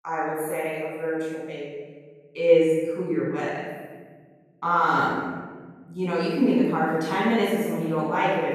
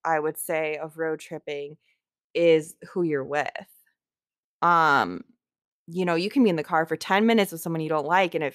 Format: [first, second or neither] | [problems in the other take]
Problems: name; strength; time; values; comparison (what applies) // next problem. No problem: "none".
second | room echo; strong; dies away in 1.4 s // off-mic speech; far